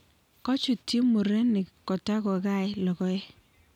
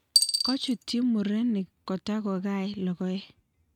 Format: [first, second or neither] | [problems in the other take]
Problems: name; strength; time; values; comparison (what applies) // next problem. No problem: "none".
first | noise reduction (neural mask model RNNoise)